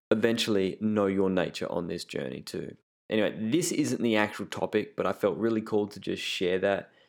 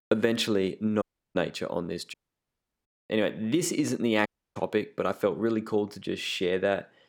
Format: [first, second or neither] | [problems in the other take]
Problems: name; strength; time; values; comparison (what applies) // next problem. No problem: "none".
first | audio cutting out; at 1 s, at 2 s for 0.5 s and at 4.5 s